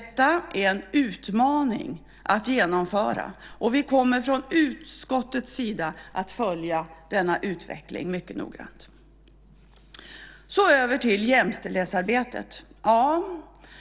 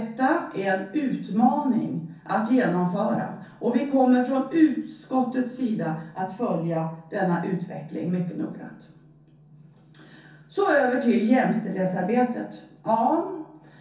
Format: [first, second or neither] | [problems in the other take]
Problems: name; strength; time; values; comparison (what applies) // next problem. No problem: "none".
first | room echo; dies away in 0.6 s